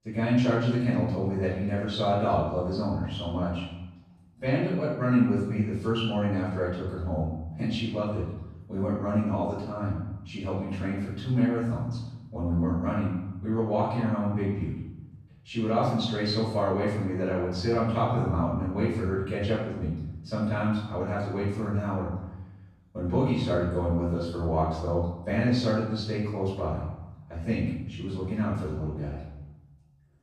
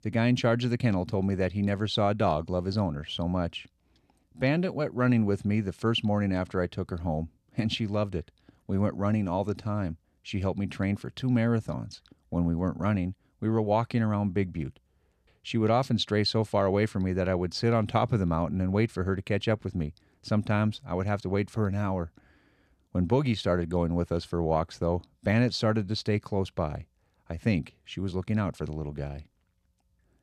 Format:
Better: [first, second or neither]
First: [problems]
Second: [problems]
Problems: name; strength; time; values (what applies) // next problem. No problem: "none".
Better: second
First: off-mic speech; far // room echo; noticeable; dies away in 0.9 s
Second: none